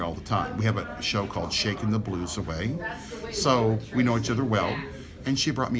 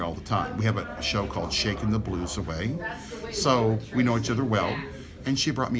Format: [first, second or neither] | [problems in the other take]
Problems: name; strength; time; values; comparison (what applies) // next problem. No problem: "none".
first | background sound (Musical instrument); 13 dB below the speech